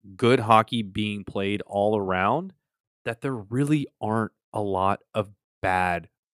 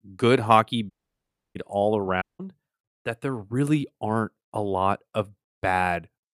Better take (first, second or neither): first